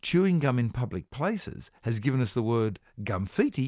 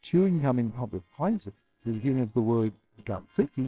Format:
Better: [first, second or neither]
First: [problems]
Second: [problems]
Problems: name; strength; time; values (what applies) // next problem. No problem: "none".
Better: first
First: none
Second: noise reduction (neural separator model SepFormer WHAMR!)